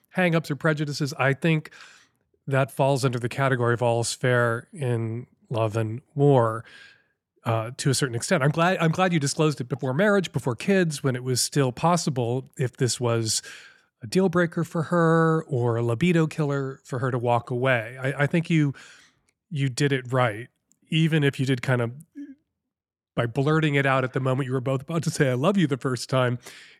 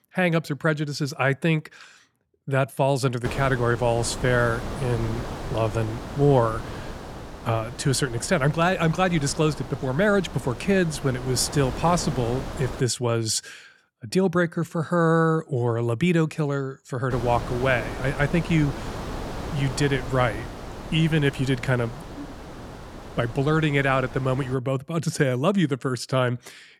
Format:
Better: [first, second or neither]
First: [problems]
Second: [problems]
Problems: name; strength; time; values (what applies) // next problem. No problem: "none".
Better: first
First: none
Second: wind noise on the microphone; occasional gusts; from 3.5 to 13 s and from 17 to 25 s; 10 dB below the speech